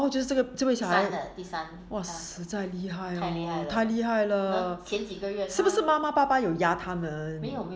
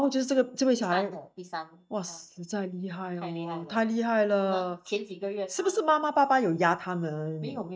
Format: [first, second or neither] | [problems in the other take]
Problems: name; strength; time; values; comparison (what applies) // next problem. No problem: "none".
first | noise reduction (neural mask model DeepFilterNet 3)